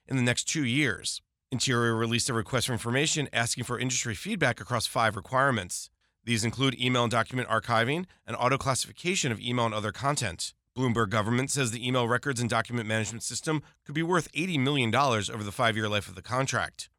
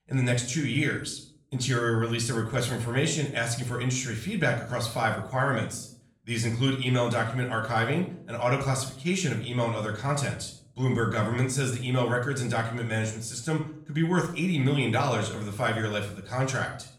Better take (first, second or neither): first